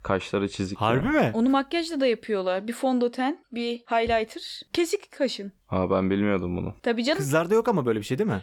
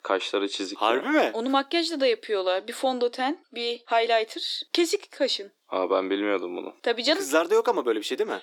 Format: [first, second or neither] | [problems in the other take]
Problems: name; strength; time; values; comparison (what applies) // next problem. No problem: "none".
first | thin; somewhat; fading below 300 Hz